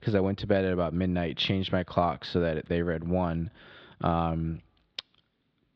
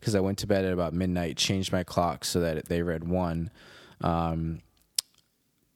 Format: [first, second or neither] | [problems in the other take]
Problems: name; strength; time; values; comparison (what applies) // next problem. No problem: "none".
second | muffled; slightly; fading above 4 kHz